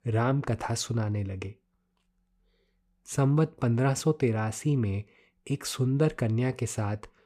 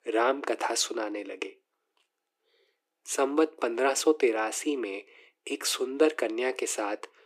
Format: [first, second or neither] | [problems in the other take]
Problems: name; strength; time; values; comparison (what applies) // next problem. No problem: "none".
first | thin; very; fading below 300 Hz